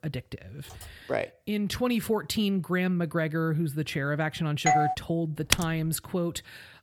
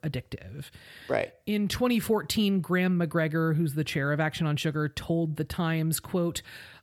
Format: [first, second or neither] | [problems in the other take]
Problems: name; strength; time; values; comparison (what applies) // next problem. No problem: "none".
second | keyboard typing; faint; at 0.5 s; peak 20 dB below the speech // doorbell; loud; at 4.5 s; peak 5 dB above the speech // keyboard typing; very faint; at 5.5 s; peak 3 dB above the speech